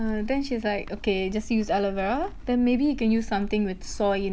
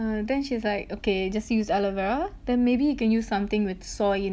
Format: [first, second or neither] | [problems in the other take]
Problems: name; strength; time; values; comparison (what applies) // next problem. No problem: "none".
second | background sound (Livestock, farm animals, working animals); 11 dB below the speech